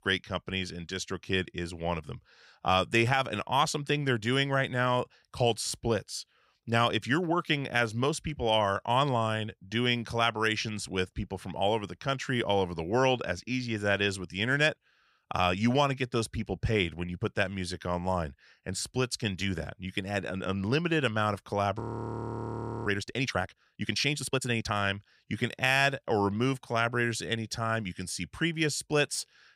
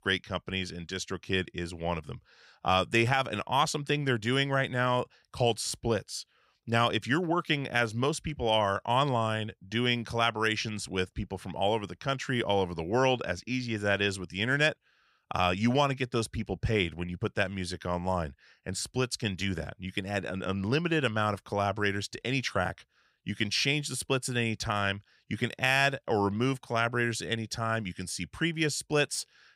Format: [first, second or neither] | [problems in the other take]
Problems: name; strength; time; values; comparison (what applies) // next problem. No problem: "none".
second | audio freezing; at 22 s for 1 s